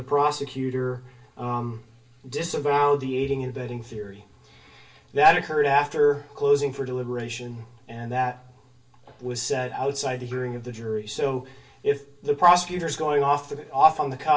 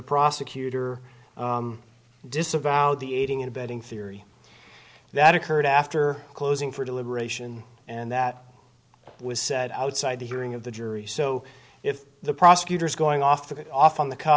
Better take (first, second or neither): second